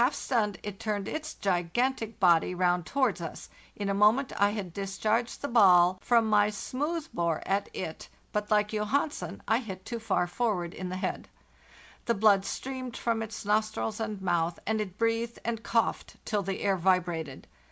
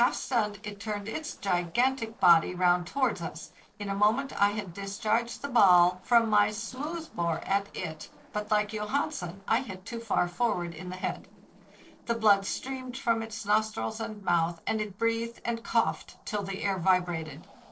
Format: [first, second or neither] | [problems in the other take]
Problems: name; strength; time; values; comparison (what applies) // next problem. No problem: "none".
first | noise reduction (neural separator model SepFormer DNS4)